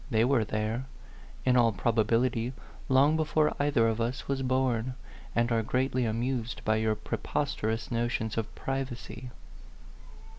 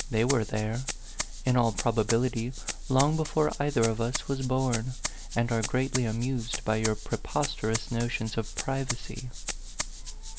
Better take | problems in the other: first | background sound (Rattle (instrument)); 10 dB below the speech

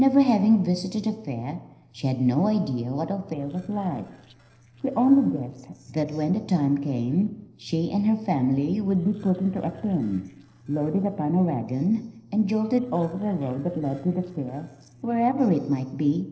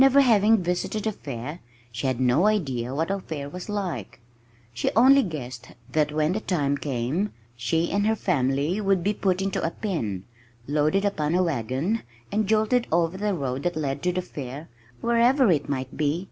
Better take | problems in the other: second | noise reduction (neural separator model SepFormer DNS4)

